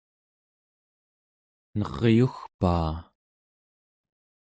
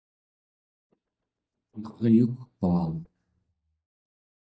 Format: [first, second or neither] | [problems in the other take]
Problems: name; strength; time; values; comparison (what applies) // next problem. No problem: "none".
first | noise reduction (neural mask model DeepFilterNet 3)